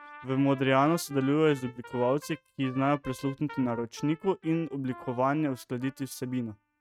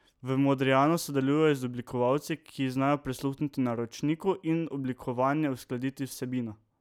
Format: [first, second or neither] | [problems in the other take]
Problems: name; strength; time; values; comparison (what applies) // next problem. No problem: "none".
second | noise reduction (neural mask model RNNoise)